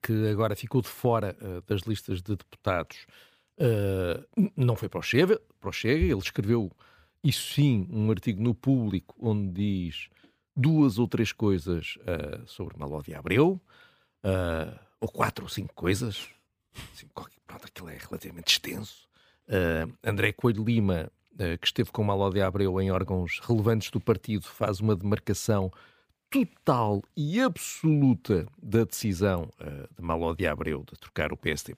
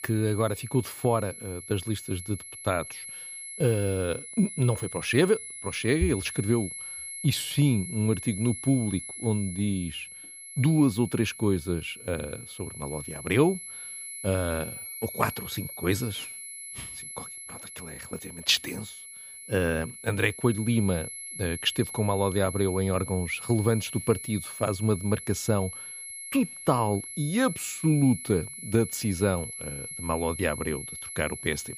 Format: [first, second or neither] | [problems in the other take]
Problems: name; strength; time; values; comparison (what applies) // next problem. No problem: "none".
first | high-pitched whine; loud; throughout; 11 kHz, 10 dB below the speech